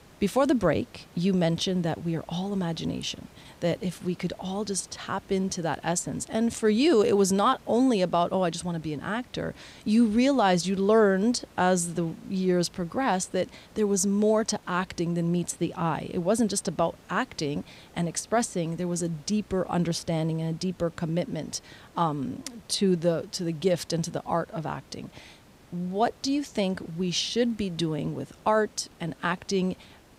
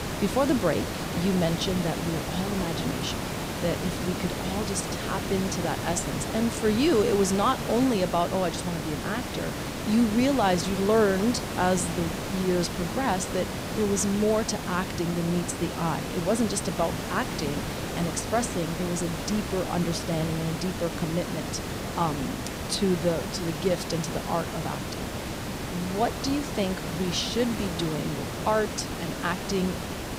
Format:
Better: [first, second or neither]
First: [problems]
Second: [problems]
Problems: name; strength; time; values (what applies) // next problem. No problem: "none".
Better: first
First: hiss; faint; throughout; 25 dB below the speech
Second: hiss; loud; throughout; 4 dB below the speech